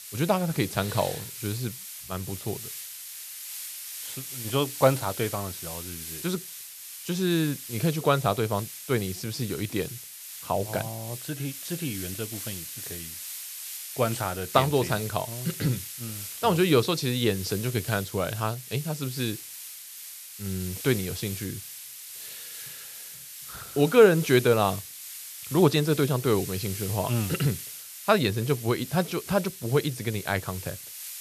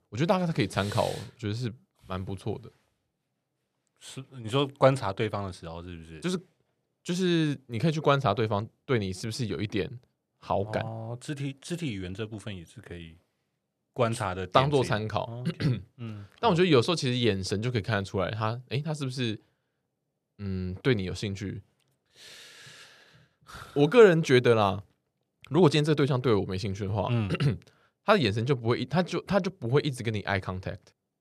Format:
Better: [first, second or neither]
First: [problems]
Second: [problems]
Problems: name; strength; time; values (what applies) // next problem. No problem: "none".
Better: second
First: hiss; loud; throughout; 10 dB below the speech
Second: none